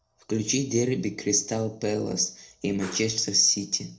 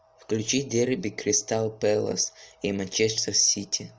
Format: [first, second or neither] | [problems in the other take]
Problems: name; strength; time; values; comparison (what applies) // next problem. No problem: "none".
second | noise reduction (neural separator model SepFormer DNS4)